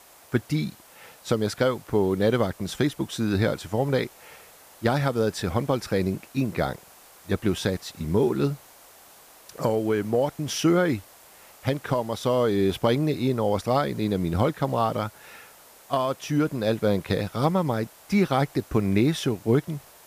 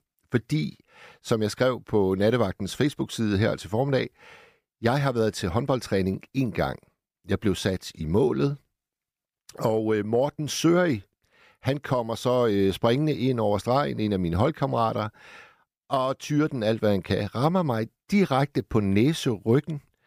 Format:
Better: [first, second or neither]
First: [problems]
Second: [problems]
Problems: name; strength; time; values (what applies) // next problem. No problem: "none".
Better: second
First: hiss; faint; throughout; 25 dB below the speech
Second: none